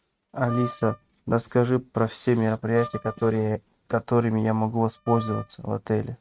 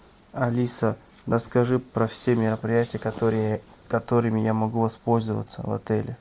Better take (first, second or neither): second